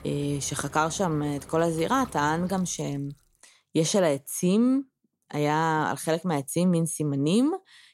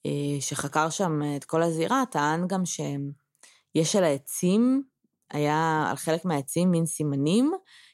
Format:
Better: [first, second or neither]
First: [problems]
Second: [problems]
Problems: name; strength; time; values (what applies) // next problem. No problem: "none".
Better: second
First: rain or running water; faint; until 3 s; 20 dB below the speech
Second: none